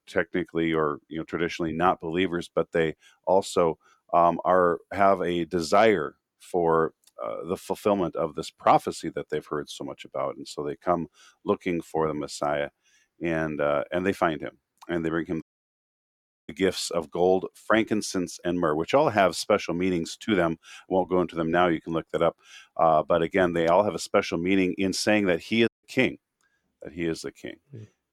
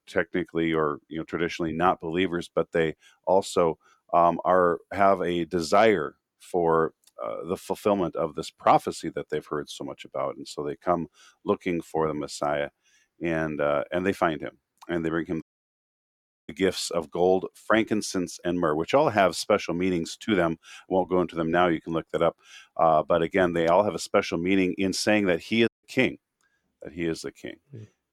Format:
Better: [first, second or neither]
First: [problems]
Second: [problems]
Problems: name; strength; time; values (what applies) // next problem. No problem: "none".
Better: neither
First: audio cutting out; at 15 s for 1 s and at 26 s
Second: audio cutting out; at 15 s for 1 s and at 26 s